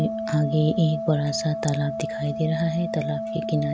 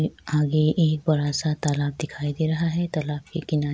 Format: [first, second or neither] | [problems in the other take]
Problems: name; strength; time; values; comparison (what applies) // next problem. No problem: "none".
second | background sound (Organ); 5 dB below the speech